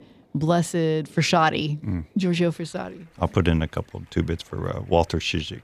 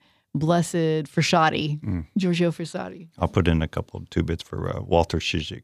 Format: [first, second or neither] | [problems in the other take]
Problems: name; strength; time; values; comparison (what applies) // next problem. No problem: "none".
second | rain or running water; faint; throughout; 30 dB below the speech